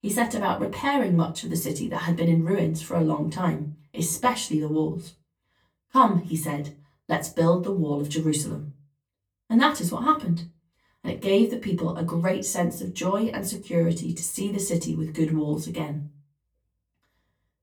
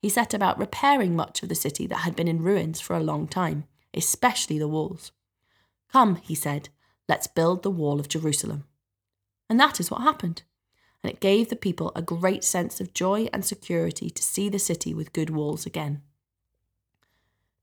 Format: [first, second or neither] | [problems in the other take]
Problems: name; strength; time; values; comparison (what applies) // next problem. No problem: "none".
second | off-mic speech; far // room echo; very slight; dies away in 0.3 s